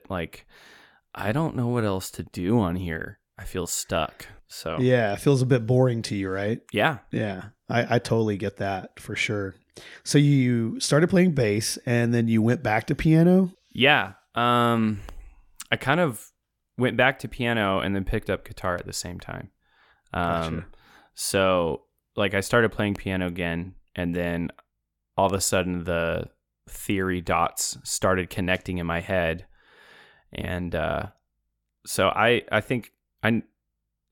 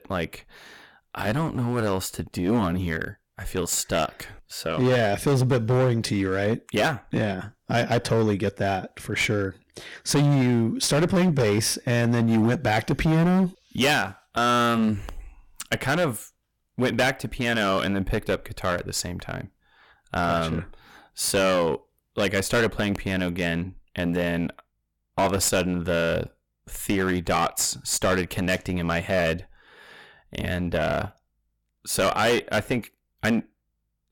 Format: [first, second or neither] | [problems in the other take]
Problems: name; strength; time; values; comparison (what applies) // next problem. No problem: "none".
first | distortion; heavy; 11% of the sound clipped